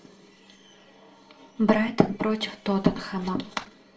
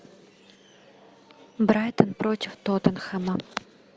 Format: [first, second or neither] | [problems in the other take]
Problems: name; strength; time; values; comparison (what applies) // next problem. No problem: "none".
second | room echo; dies away in 0.3 s